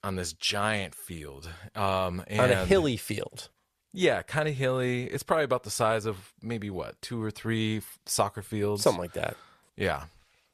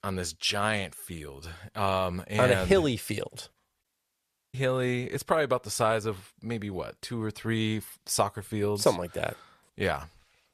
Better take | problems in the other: first | audio cutting out; at 4 s for 0.5 s

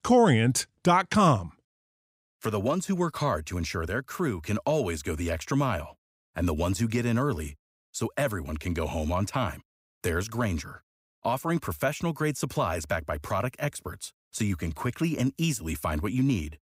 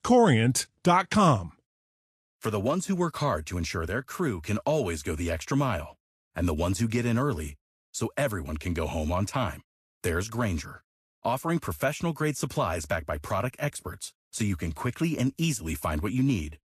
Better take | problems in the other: first | garbled, watery; slightly; nothing above 13 kHz

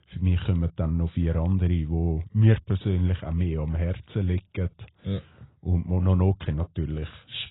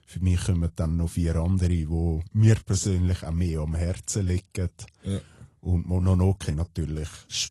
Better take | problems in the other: second | garbled, watery; badly; nothing above 4 kHz; slightly in the second

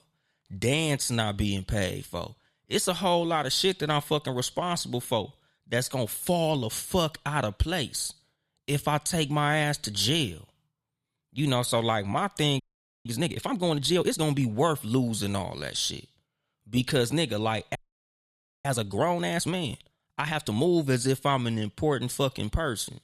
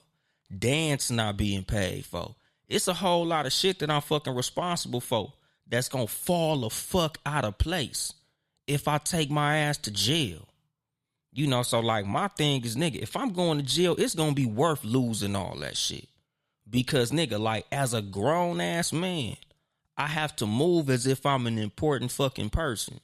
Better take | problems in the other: second | audio freezing; at 13 s and at 18 s for 1 s

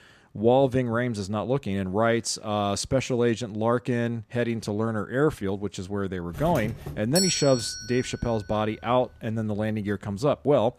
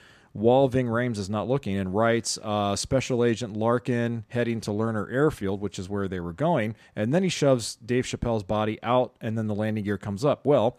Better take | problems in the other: second | doorbell; loud; from 6.5 to 8 s; peak 1 dB above the speech

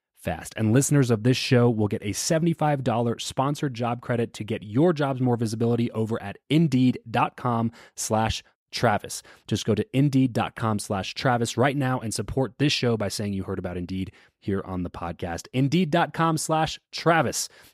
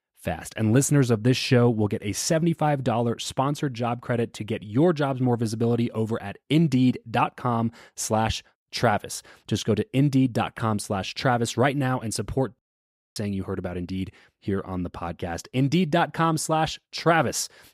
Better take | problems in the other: first | audio cutting out; at 13 s for 0.5 s

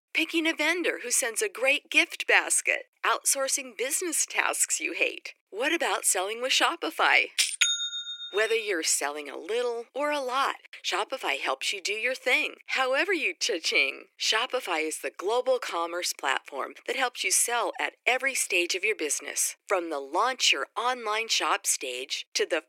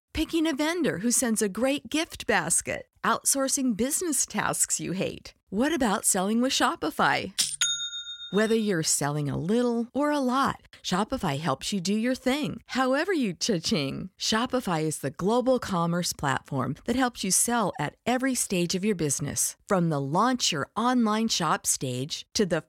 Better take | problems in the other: second | thin; very; fading below 350 Hz

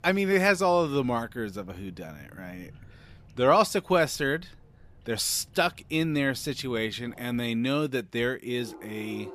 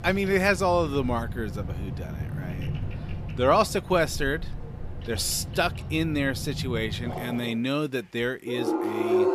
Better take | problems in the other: first | animal sounds; loud; throughout; 7 dB below the speech; faint in the first

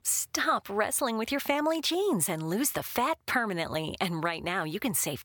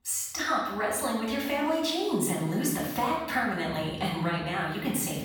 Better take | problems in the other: first | off-mic speech; far // room echo; noticeable; dies away in 1.1 s

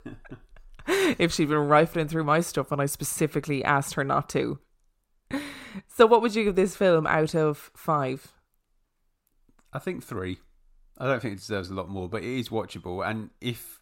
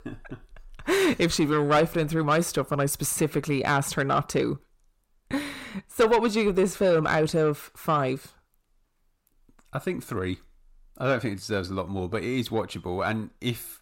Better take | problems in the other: first | distortion; slight; 10 dB below the speech

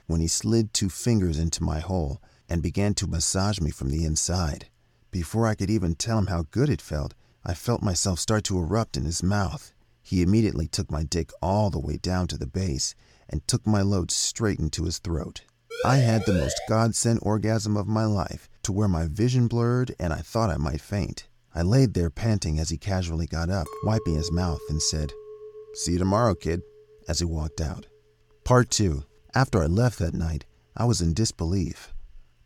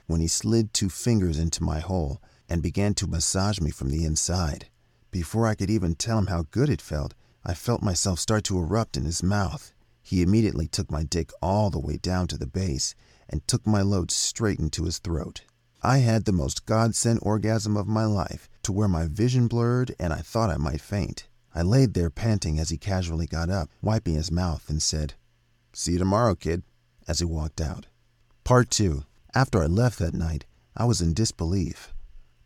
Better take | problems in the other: second | siren; noticeable; at 16 s; peak 5 dB below the speech // clattering dishes; faint; from 24 to 28 s; peak 10 dB below the speech

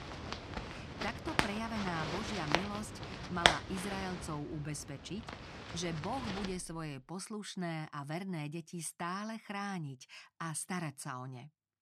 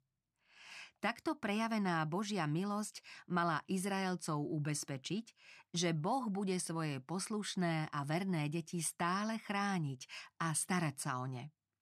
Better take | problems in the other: second | household noises; very loud; until 6.5 s; 3 dB above the speech

